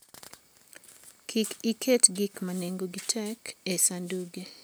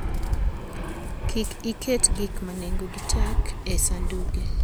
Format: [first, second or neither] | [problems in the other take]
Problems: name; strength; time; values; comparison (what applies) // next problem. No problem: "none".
first | background sound (Fixed-wing aircraft, airplane); 5 dB above the speech